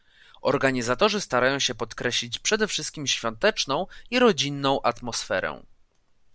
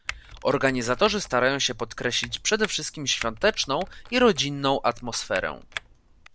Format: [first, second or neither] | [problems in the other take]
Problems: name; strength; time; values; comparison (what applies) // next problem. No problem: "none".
first | background sound (Typing); 16 dB below the speech